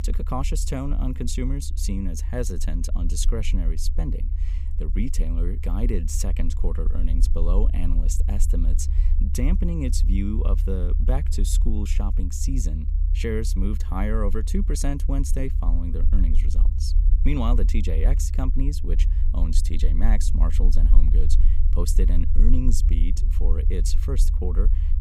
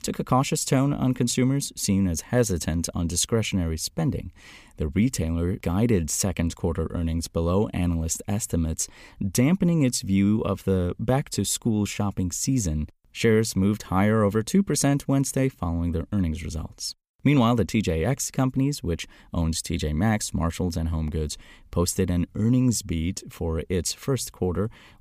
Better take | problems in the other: second | low rumble; noticeable; throughout; 10 dB below the speech

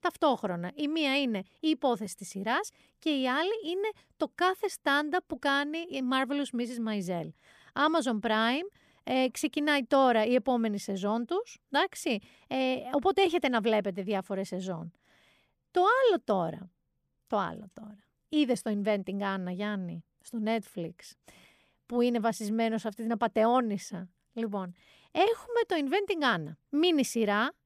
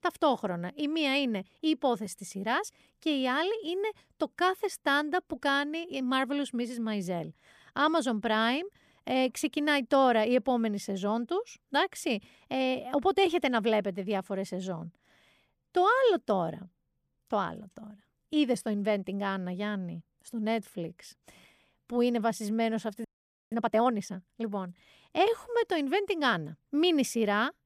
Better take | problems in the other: first | audio freezing; at 23 s

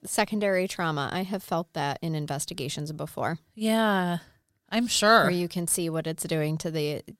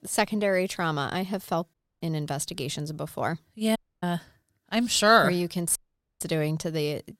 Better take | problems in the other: first | audio cutting out; at 1.5 s, at 4 s and at 6 s

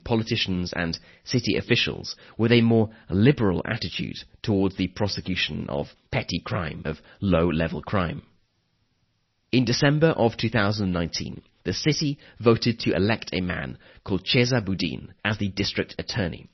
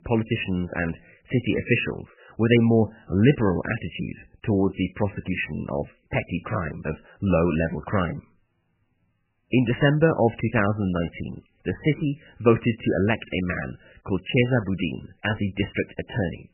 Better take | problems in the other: first | garbled, watery; badly; nothing above 3 kHz; slightly in the first

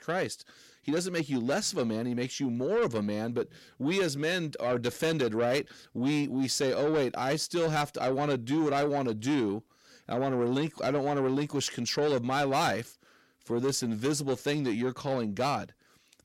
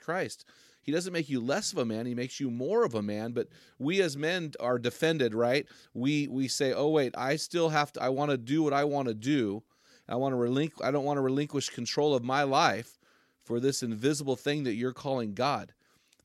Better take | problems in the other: second | distortion; slight; 10 dB below the speech

